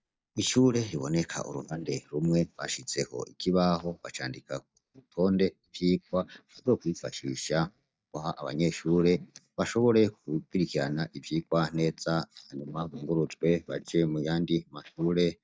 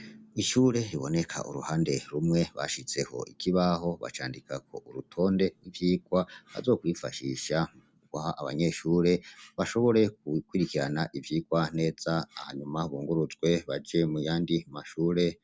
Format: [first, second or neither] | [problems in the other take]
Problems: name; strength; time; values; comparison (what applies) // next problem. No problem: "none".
second | noise reduction (neural mask model DeepFilterNet 3)